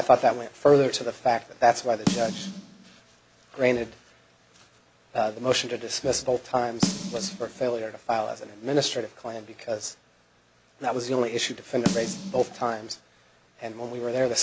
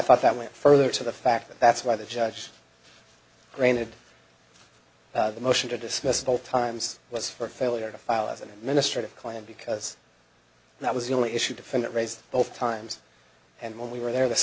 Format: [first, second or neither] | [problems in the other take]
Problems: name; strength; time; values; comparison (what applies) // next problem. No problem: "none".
second | background sound (Snare drum); 7 dB below the speech